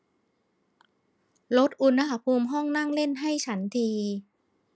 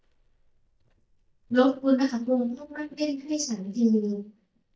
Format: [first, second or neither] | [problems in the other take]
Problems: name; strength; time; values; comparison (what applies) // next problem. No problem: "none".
first | noise reduction (neural mask model DeepFilterNet 3)